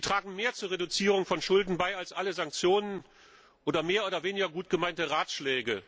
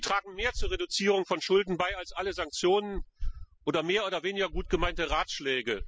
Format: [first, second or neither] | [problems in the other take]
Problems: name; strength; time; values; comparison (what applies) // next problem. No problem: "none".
first | noise reduction (classical method spectral subtraction)